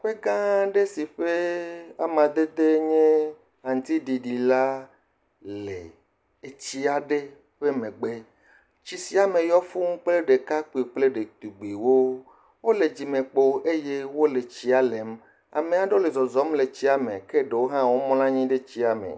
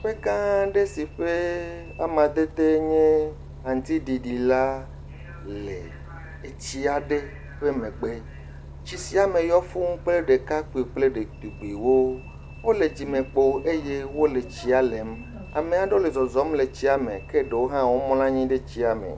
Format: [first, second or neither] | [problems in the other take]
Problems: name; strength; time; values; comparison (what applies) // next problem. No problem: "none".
first | background sound (Bus); 15 dB below the speech